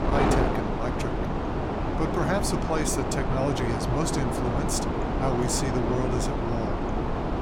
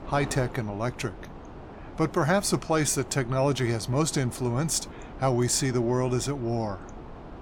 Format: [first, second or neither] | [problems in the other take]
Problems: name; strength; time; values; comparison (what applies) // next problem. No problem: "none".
second | wind noise on the microphone; heavy; 2 dB above the speech; occasional gusts in the second